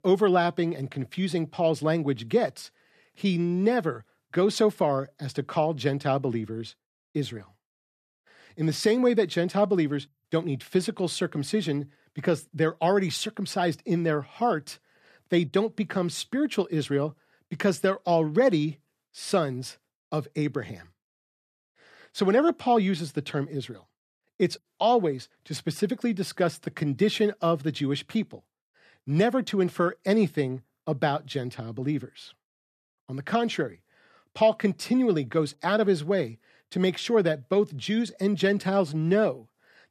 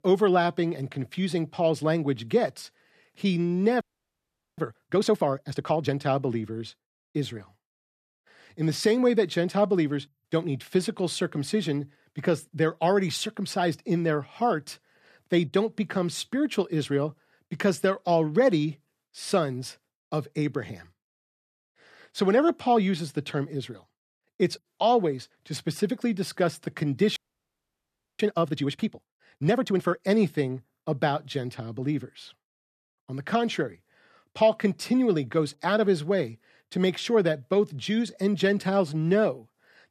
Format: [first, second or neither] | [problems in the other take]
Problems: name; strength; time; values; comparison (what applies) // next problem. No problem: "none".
first | audio freezing; at 4 s for 1 s and at 27 s for 1 s